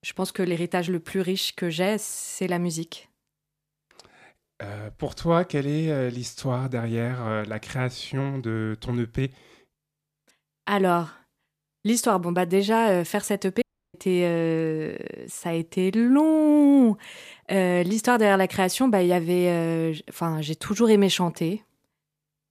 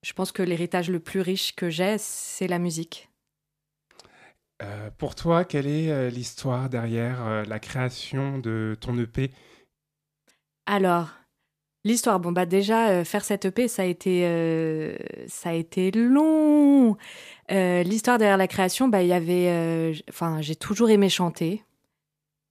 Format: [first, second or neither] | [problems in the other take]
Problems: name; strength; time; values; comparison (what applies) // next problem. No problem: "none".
second | audio cutting out; at 14 s